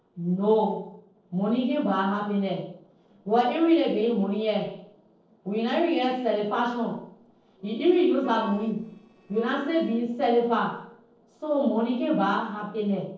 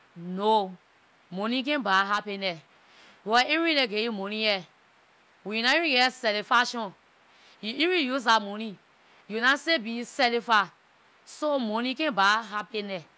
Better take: second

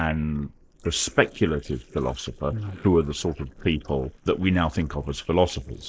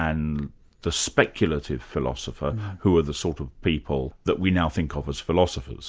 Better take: second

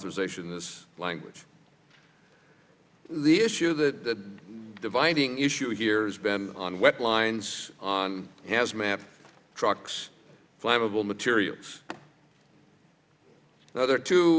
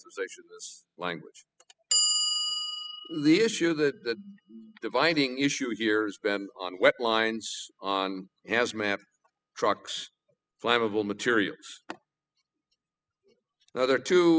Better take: first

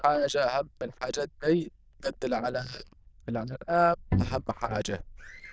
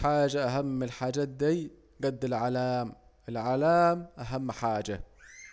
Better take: second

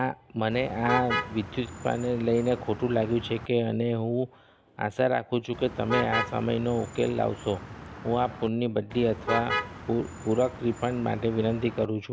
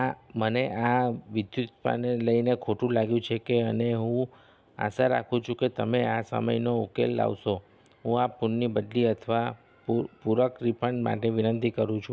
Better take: second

